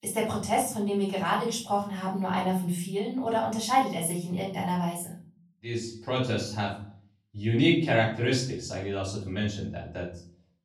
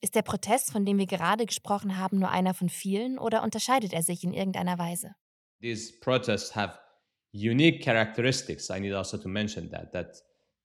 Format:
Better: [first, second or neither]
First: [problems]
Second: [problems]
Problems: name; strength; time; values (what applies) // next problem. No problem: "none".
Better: second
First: off-mic speech; far // room echo; slight; dies away in 0.5 s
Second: none